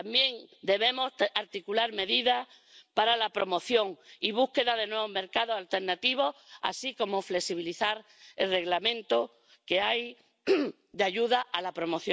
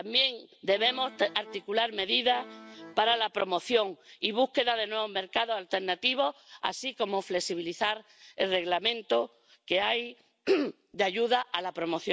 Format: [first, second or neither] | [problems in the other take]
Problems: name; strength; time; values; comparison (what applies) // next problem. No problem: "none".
first | background sound (Accordion); 18 dB below the speech